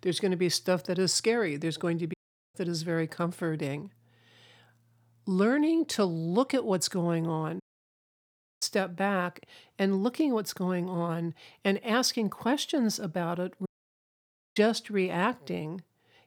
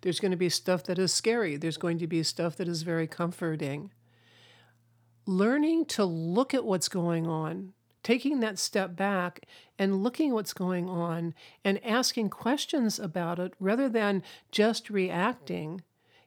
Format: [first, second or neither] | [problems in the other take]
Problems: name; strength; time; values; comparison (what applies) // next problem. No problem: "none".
second | audio cutting out; at 2 s, at 7.5 s for 1 s and at 14 s for 1 s